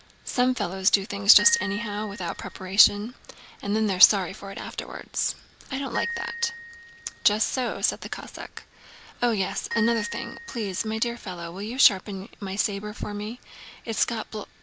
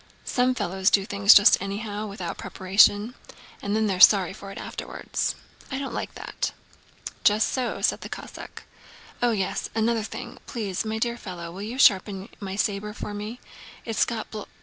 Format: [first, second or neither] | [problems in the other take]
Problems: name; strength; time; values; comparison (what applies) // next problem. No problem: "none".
second | background sound (Glockenspiel); 12 dB below the speech